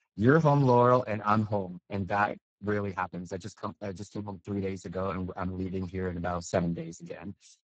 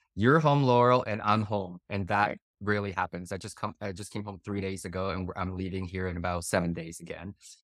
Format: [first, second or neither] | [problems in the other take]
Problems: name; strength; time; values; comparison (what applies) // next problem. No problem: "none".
second | garbled, watery; badly; nothing above 7.5 kHz